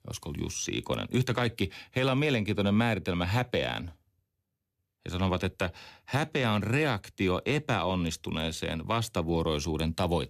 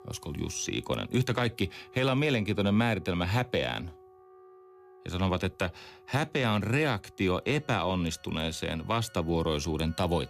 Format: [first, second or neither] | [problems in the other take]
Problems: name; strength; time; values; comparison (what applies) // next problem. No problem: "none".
first | background music; faint; throughout; 25 dB below the speech